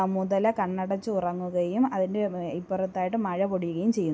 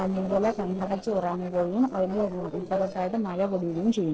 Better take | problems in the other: first | noise reduction (neural separator model SepFormer DNS4)

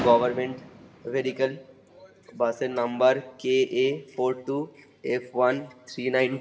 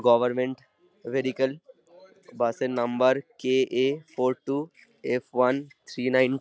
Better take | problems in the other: second | background sound (Fireworks); 17 dB below the speech // room echo; dies away in 0.6 s

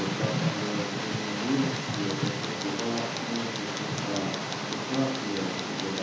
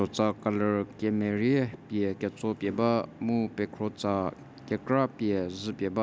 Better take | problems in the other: second | background sound (Tick); 1 dB above the speech // room echo; dies away in 1 s

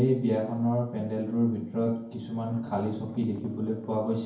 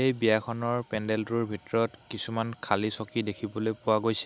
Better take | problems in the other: second | background sound (Strum); 18 dB below the speech // room echo; dies away in 0.9 s

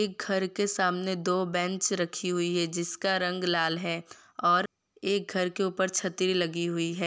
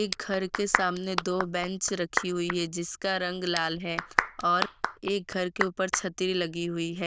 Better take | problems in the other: first | noise reduction (neural diffusion model UNIVERSE++)

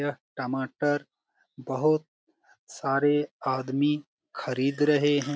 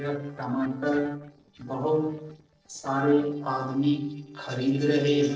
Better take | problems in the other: first | noise reduction (neural separator model SepFormer DNS4)

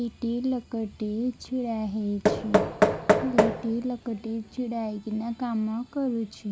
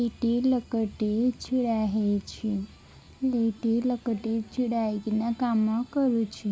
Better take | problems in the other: second | background sound (Knock); 3 dB above the speech

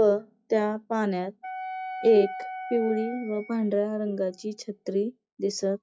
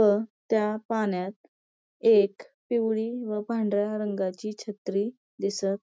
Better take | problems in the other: second | noise reduction (classical method log-MMSE)

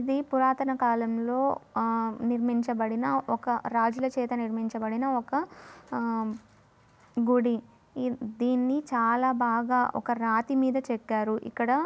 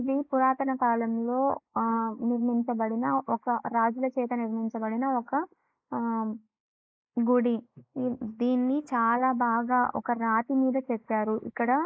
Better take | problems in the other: first | noise reduction (neural mask model Resemble Enhance denoiser)

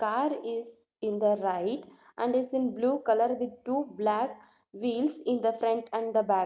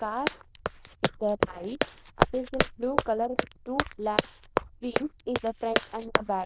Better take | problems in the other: first | noise reduction (neural diffusion model UNIVERSE++)

